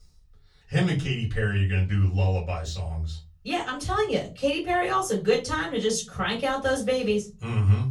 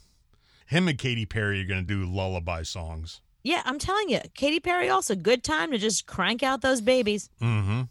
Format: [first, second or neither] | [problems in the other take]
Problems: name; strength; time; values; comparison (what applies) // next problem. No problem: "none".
second | off-mic speech; far // room echo; very slight; dies away in 0.3 s